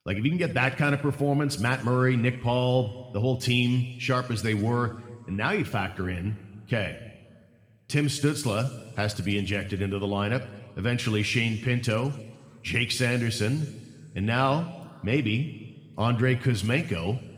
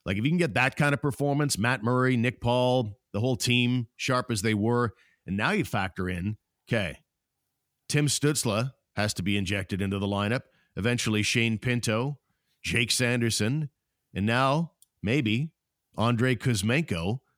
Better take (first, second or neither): second